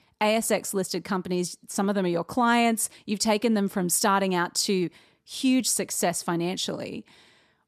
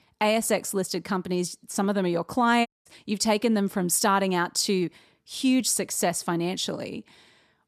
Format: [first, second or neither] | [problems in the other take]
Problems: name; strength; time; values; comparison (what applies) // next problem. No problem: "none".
first | audio cutting out; at 2.5 s